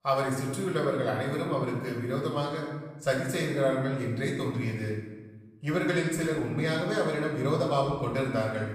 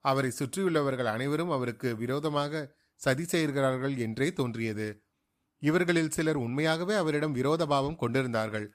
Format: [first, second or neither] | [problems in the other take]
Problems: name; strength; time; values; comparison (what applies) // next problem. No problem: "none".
second | room echo; noticeable; dies away in 1.1 s // off-mic speech; far